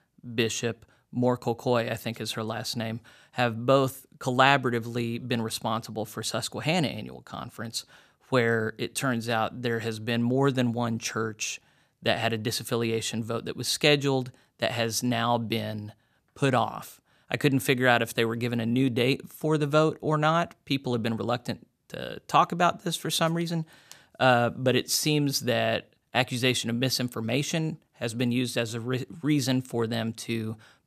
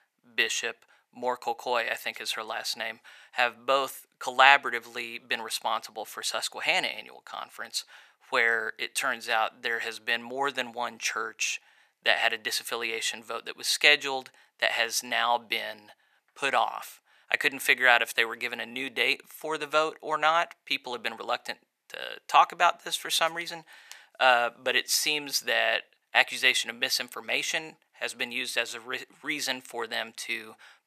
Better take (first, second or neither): first